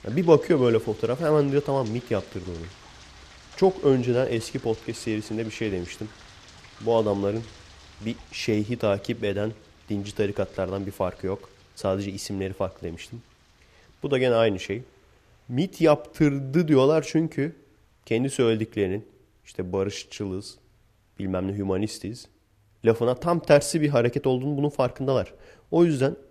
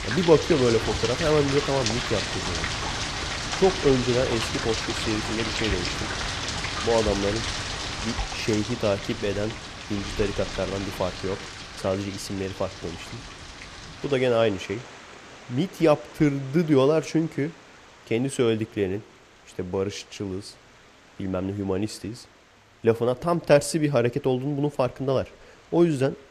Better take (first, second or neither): first